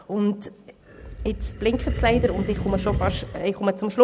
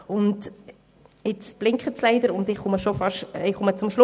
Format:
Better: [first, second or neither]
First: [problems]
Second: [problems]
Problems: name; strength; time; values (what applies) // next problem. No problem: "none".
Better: second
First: background sound (Animal); 5 dB below the speech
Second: none